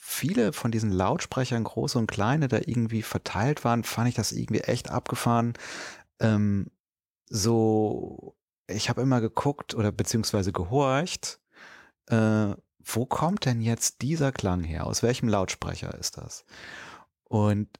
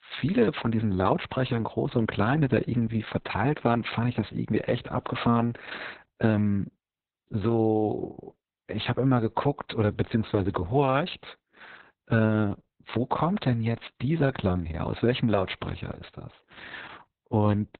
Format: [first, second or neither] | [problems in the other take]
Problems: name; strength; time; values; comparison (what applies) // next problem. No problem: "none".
first | garbled, watery; badly; nothing above 4 kHz